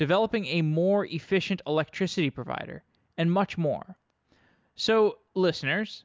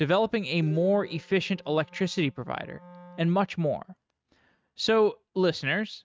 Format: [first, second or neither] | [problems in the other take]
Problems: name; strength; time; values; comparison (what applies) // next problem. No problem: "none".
first | noise reduction (neural mask model RNNoise)